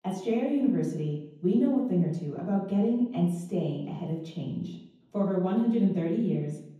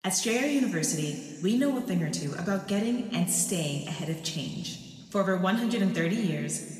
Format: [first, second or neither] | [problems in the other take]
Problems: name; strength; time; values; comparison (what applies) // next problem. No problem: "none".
second | room echo; strong; dies away in 0.9 s; slight in the second // off-mic speech; far; somewhat distant in the second